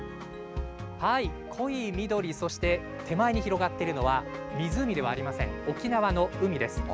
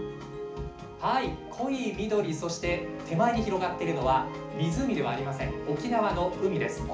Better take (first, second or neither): first